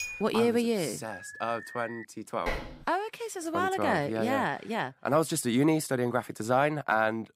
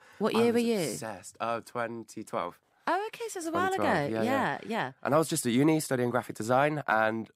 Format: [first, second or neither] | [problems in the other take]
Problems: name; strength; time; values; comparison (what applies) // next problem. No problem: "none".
second | clattering dishes; noticeable; at the start and at 2.5 s; peak 7 dB below the speech // alarm; faint; at 1 s; peak 15 dB below the speech